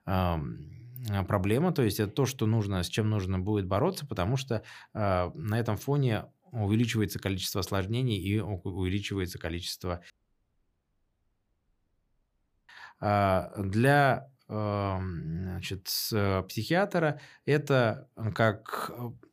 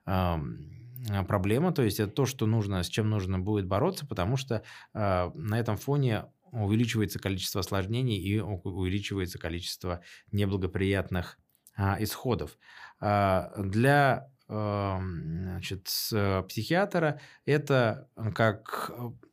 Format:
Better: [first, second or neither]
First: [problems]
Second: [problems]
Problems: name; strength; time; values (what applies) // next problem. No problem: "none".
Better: second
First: audio cutting out; at 10 s for 2.5 s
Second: none